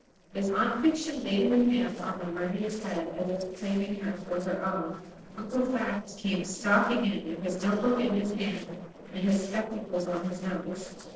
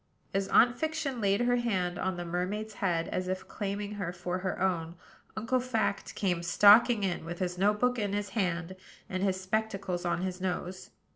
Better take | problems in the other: second | noise reduction (neural separator model SepFormer DNS4)

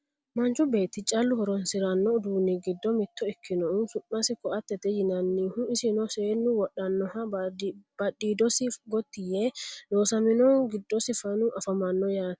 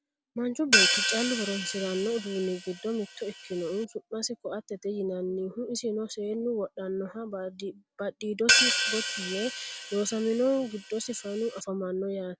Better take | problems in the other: first | background sound (Crash cymbal / Hi-hat); 2 dB above the speech

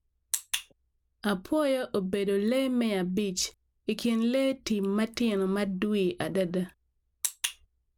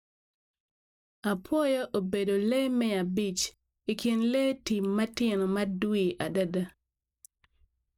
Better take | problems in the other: first | noise reduction (neural mask model DeepFilterNet 3)

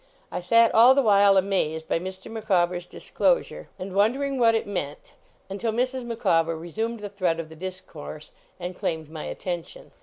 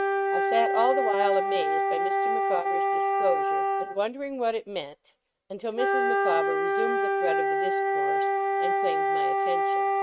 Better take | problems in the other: first | noise reduction (neural mask model RNNoise)

